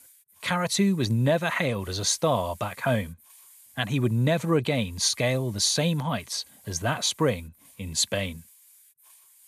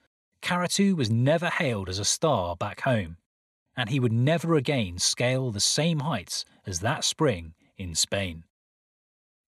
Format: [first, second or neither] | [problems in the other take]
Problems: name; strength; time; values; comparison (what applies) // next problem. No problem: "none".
second | hiss; faint; throughout; 25 dB below the speech